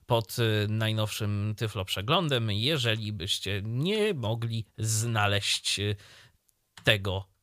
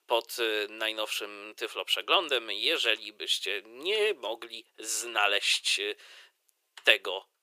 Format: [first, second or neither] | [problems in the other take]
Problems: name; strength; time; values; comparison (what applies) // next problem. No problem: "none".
first | thin; very; fading below 350 Hz